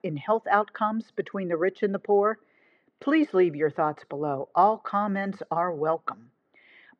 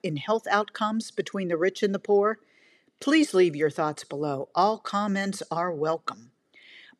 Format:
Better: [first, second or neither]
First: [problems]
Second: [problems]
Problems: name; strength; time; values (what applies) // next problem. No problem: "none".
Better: second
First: muffled; very; fading above 1.5 kHz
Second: none